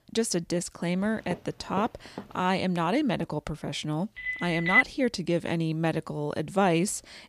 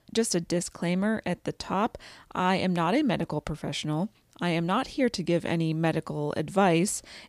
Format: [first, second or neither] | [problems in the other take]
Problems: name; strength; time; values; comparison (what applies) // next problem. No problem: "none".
second | footsteps; faint; from 1 to 2.5 s; peak 10 dB below the speech // phone ringing; loud; at 4.5 s; peak 6 dB above the speech